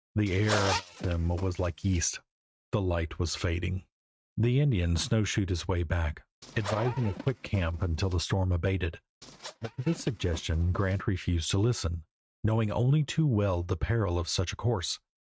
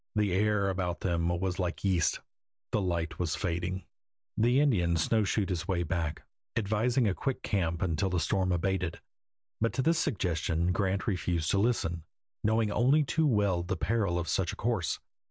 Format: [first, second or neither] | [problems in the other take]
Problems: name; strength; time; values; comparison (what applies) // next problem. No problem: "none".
second | noise reduction (neural mask model RNNoise)